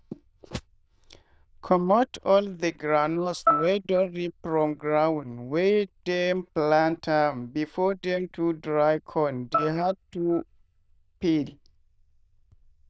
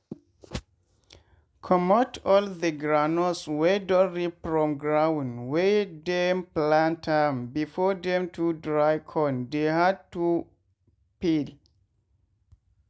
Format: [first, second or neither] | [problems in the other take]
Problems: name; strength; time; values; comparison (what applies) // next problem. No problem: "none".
second | noise reduction (neural diffusion model UNIVERSE++)